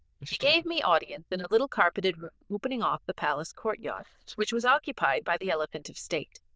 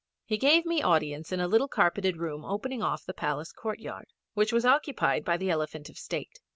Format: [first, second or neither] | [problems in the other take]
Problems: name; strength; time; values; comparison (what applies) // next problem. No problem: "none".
second | noise reduction (neural diffusion model UNIVERSE++)